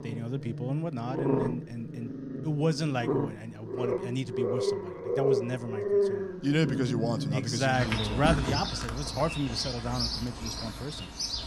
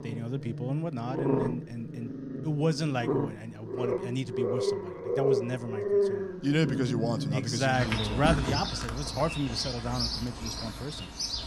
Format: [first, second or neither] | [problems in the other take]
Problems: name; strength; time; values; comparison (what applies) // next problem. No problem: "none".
neither | animal sounds; loud; throughout; 1 dB below the speech; the same in both